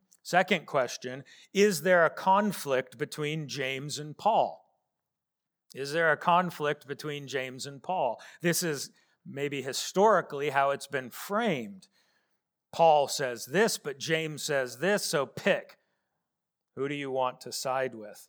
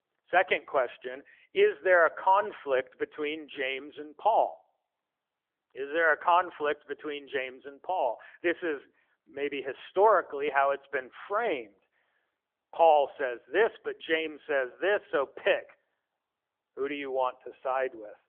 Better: first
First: none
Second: phone-call audio; nothing above 3.5 kHz

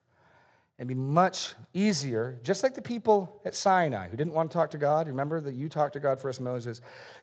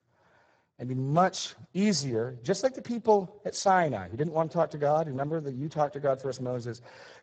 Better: first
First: garbled, watery; slightly; nothing above 7.5 kHz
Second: garbled, watery; badly; nothing above 7.5 kHz

